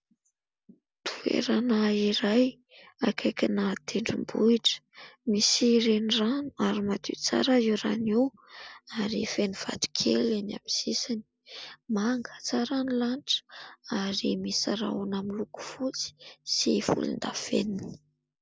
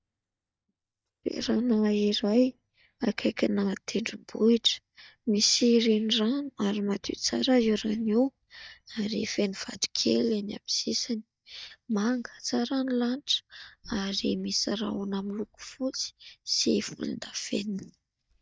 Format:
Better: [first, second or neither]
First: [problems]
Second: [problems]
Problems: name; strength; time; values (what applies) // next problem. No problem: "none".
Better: first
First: none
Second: noise reduction (neural mask model DeepFilterNet 3)